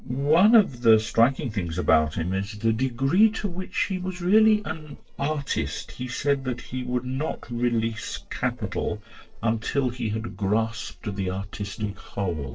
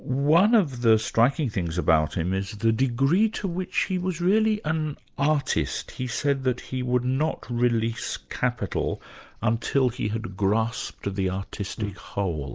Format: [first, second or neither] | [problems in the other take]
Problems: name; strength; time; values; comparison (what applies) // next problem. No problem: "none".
second | noise reduction (neural separator model SepFormer DNS4)